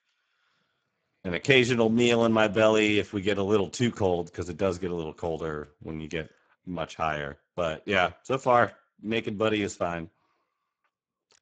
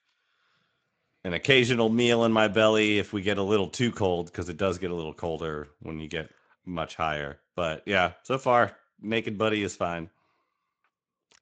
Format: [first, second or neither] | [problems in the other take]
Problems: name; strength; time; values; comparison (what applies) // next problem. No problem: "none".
second | garbled, watery; badly; nothing above 7.5 kHz; slightly in the second